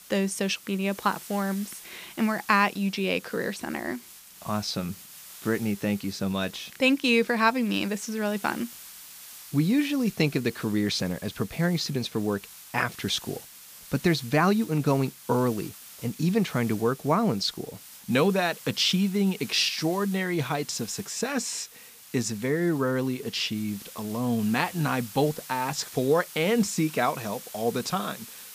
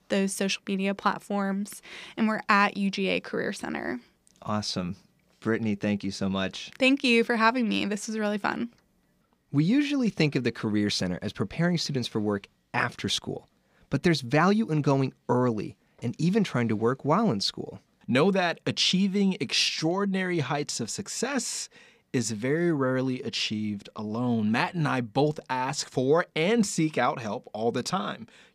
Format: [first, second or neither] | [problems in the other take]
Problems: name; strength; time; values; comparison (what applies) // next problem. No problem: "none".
second | hiss; noticeable; throughout; 15 dB below the speech